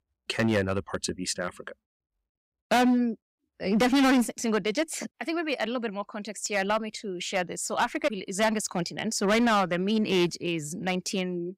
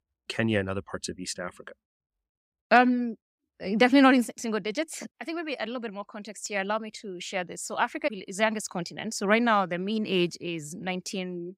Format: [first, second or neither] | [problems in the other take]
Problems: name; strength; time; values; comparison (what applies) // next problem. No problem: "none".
second | distortion; heavy; 6% of the sound clipped